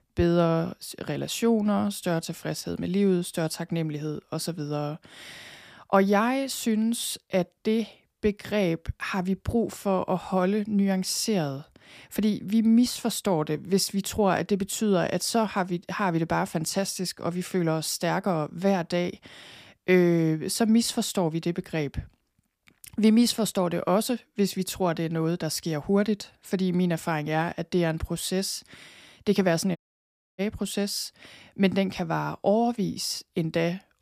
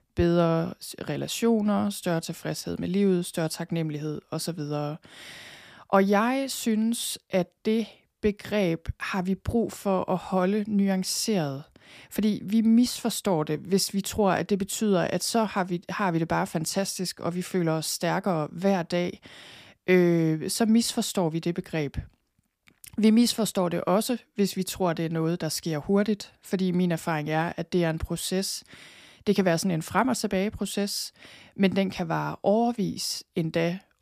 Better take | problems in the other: second | audio cutting out; at 30 s for 0.5 s

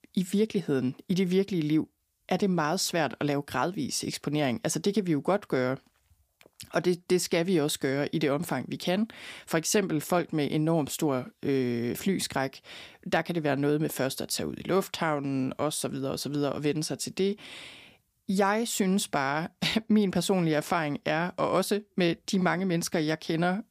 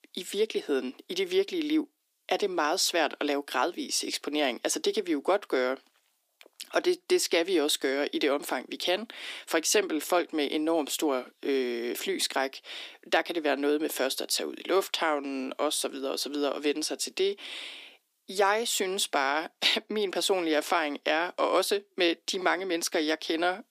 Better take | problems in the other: first | thin; somewhat; fading below 300 Hz

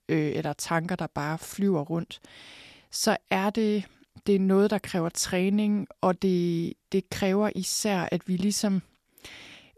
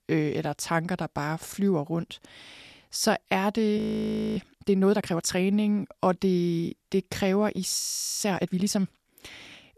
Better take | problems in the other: first | audio freezing; at 4 s for 0.5 s and at 8 s

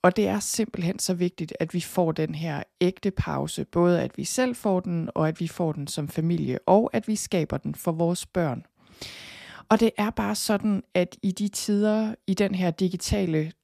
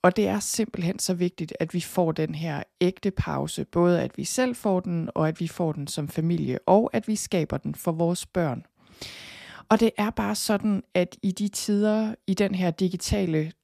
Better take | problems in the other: neither | none

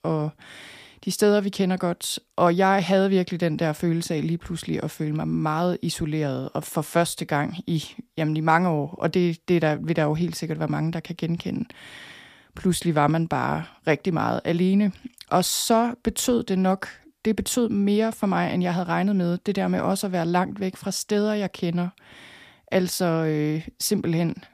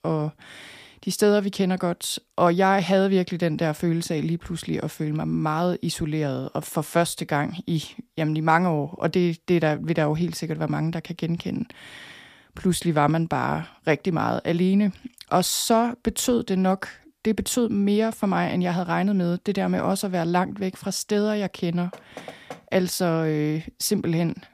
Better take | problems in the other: first | door banging; faint; at 22 s; peak 15 dB below the speech

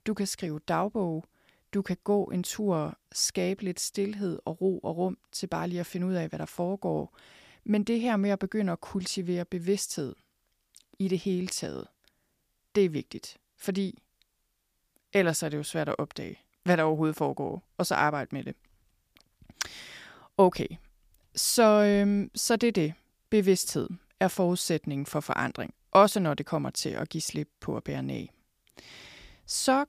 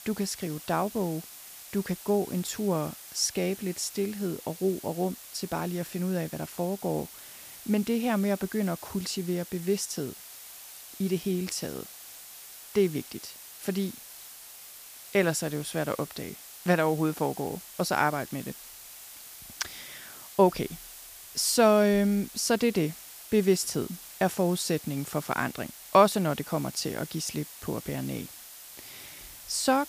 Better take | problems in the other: first | hiss; noticeable; throughout; 15 dB below the speech

